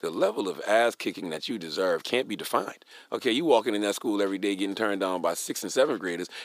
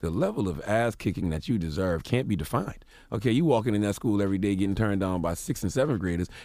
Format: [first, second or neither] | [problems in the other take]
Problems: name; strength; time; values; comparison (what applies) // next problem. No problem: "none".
second | thin; somewhat; fading below 350 Hz